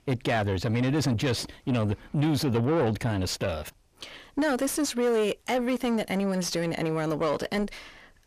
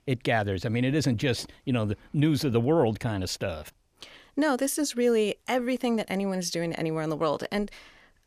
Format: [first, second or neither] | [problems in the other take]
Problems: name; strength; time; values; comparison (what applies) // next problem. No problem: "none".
second | distortion; slight; 10 dB below the speech